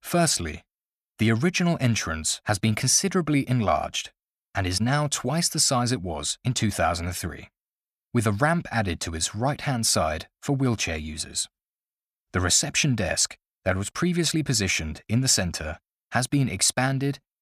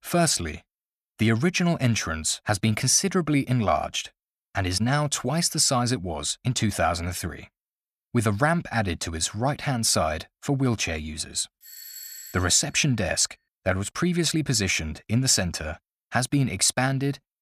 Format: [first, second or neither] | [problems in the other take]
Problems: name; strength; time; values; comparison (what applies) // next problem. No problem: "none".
first | doorbell; faint; at 12 s; peak 15 dB below the speech